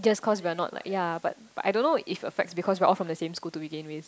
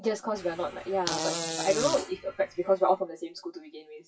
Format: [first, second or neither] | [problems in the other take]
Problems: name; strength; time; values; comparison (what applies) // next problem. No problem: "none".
first | noise reduction (classical method WPE with log-MMSE)